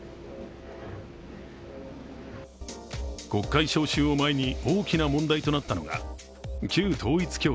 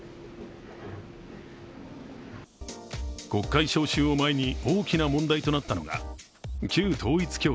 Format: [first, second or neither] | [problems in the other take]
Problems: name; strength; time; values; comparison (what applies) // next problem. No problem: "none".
second | background sound (Musical instrument); 19 dB below the speech